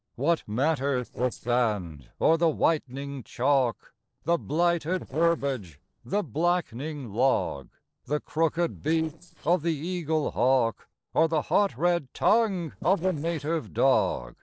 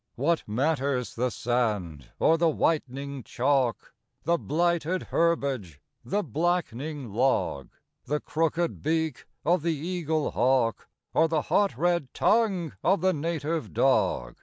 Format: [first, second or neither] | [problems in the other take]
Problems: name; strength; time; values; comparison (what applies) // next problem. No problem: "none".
second | noise reduction (neural separator model SepFormer DNS4)